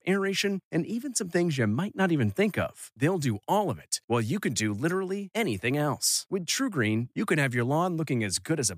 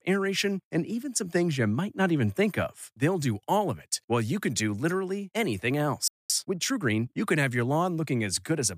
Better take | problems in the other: first | audio freezing; at 6 s

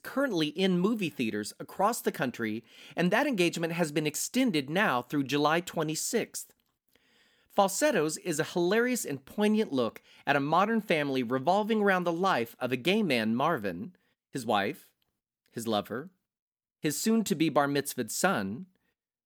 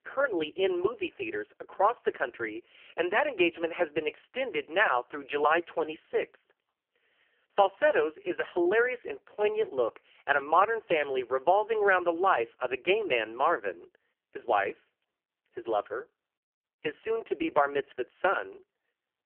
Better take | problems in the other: first | phone-call audio; poor line; nothing above 3 kHz

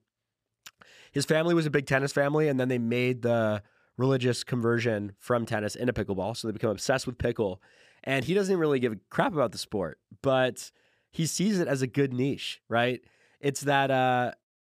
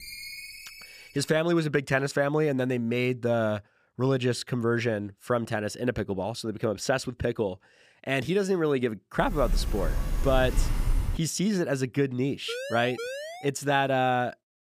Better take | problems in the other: first | phone ringing; noticeable; until 1.5 s; peak 10 dB below the speech // door banging; noticeable; from 9 to 11 s; peak 2 dB below the speech // siren; noticeable; at 12 s; peak 8 dB below the speech

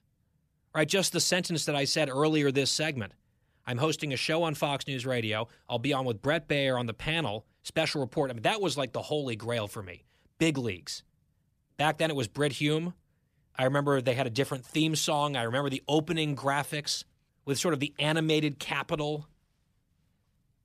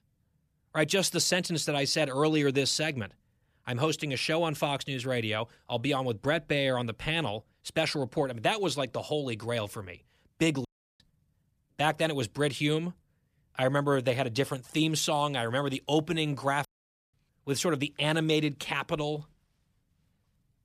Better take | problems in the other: first | audio cutting out; at 11 s and at 17 s

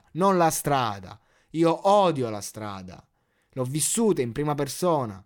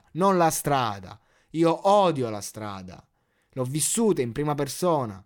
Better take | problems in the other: neither | none

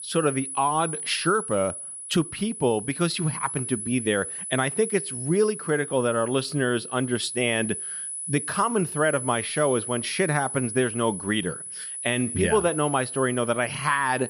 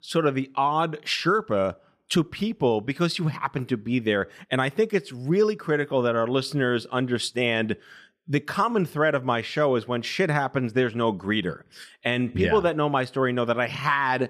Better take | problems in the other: second | high-pitched whine; loud; throughout; 10 kHz, 6 dB below the speech

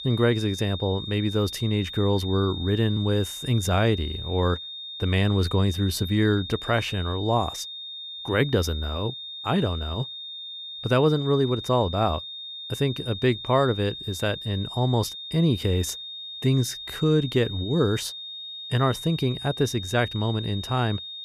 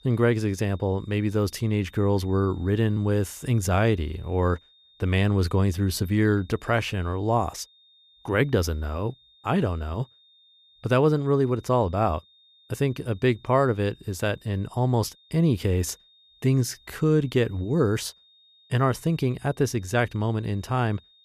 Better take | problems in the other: second | high-pitched whine; loud; throughout; 3.5 kHz, 9 dB below the speech; faint in the second

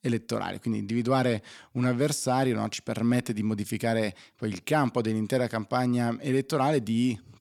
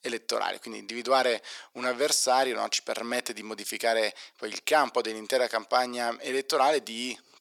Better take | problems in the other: first | thin; very; fading below 450 Hz

